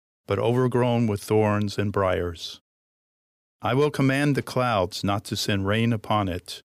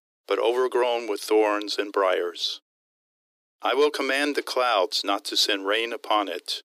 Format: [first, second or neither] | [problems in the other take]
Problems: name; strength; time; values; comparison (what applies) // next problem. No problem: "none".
first | thin; very; fading below 300 Hz